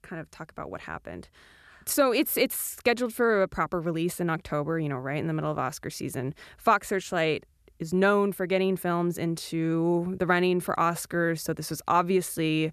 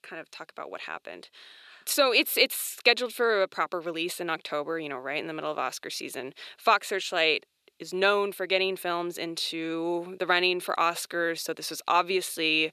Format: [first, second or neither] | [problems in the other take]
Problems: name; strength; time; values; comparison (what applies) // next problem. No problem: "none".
first | thin; somewhat; fading below 450 Hz